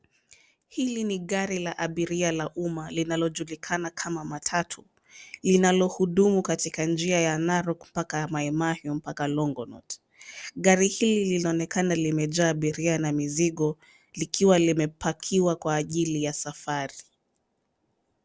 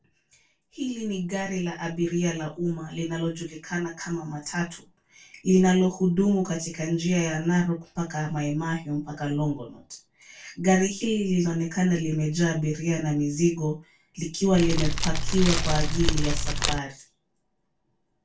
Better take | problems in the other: first | background sound (Fire); 3 dB above the speech // room echo; dies away in 0.2 s

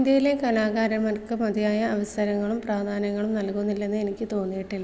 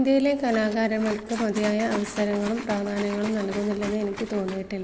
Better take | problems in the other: first | background sound (Liquid); 13 dB below the speech

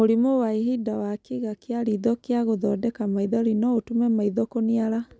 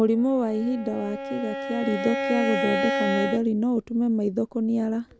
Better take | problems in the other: first | background sound (Bowed string instrument); 5 dB below the speech

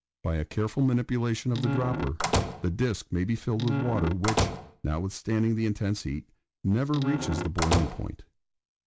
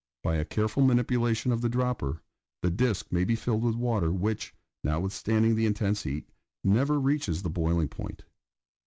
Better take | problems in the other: second | background sound (Squeak / Slam / Wood); 3 dB below the speech

